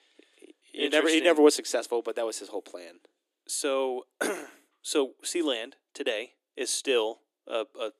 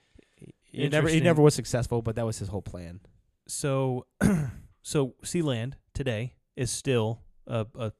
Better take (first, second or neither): second